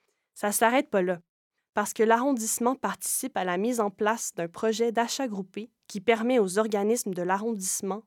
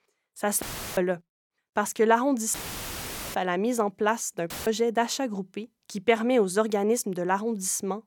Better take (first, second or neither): first